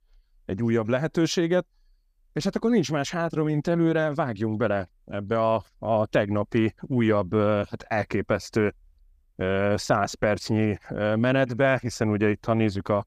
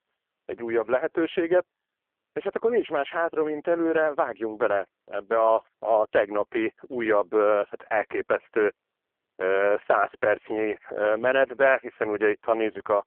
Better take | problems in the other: first | phone-call audio; poor line

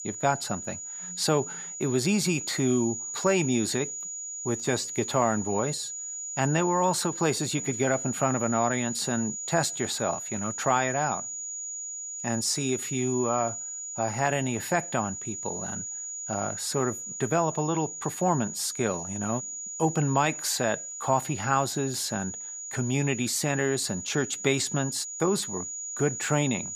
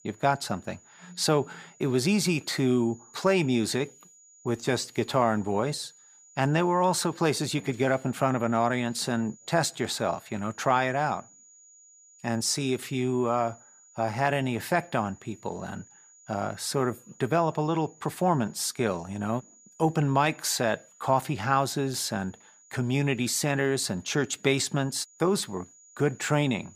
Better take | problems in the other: second | high-pitched whine; loud; throughout; 7 kHz, 6 dB below the speech; faint in the second

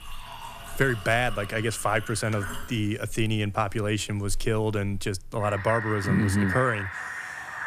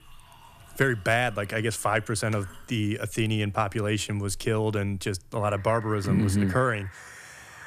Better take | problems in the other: second | household noises; loud; throughout; 9 dB below the speech; faint in the second

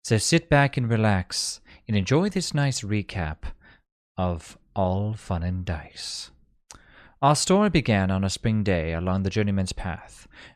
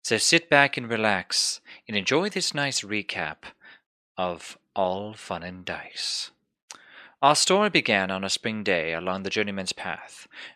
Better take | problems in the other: first | thin; somewhat; fading below 300 Hz

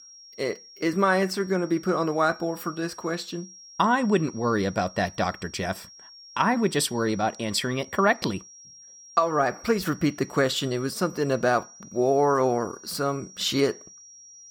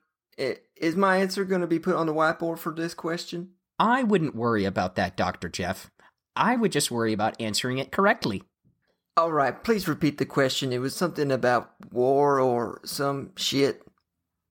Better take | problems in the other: second | high-pitched whine; noticeable; throughout; 5.5 kHz, 20 dB below the speech

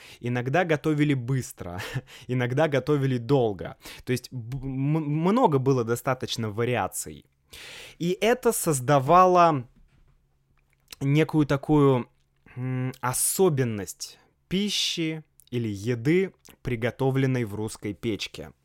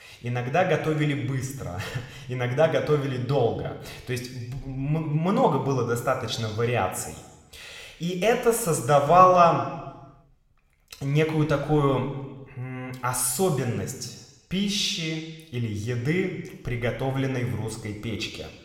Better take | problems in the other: first | room echo; slight; dies away in 1.1 s

